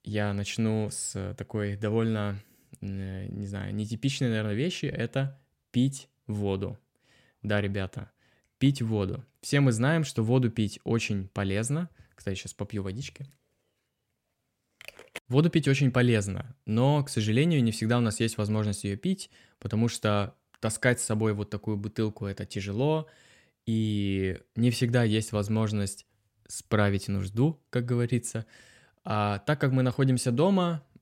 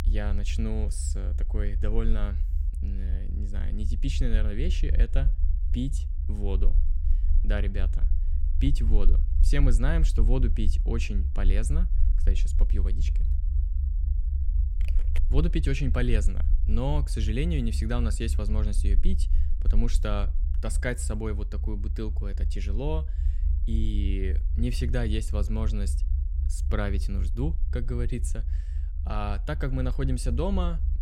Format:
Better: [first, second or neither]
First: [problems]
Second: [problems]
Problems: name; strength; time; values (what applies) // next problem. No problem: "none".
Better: first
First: none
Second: low rumble; noticeable; throughout; 15 dB below the speech